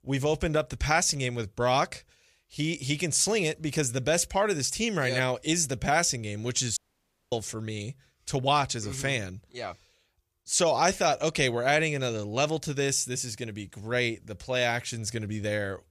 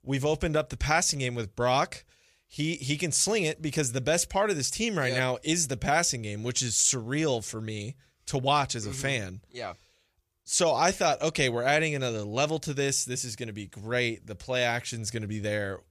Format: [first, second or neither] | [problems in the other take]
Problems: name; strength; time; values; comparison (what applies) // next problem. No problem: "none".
second | audio cutting out; at 7 s for 0.5 s